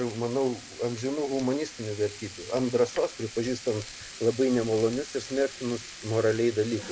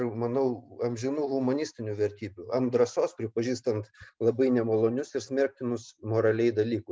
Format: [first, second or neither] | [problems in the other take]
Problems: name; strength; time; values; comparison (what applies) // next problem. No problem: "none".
second | background sound (Frying (food)); 15 dB below the speech